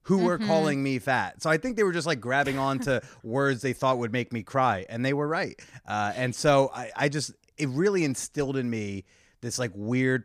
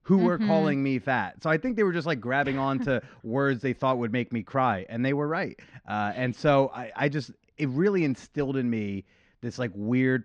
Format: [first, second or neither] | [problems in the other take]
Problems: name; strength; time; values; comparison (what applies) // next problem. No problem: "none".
first | muffled; slightly; fading above 3.5 kHz